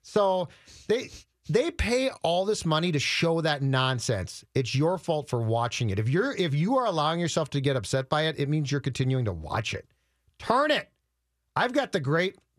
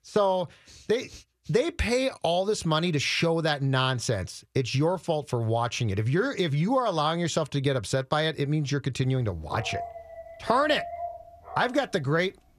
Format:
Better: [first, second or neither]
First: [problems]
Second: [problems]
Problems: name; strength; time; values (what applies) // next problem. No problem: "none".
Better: first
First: none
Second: dog barking; noticeable; from 9 to 12 s; peak 8 dB below the speech